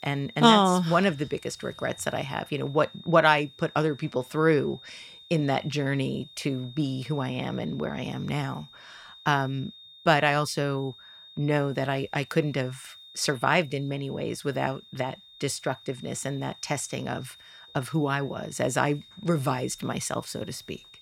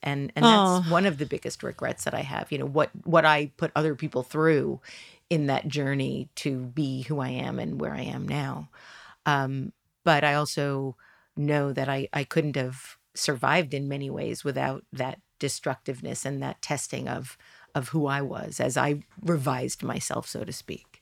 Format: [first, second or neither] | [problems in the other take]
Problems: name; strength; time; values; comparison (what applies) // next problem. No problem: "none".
second | high-pitched whine; faint; throughout; 3.5 kHz, 20 dB below the speech